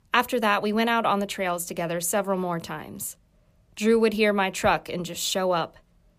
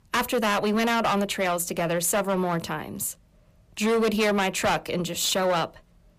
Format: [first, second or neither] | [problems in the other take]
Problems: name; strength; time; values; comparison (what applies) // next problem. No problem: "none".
first | distortion; heavy; 14% of the sound clipped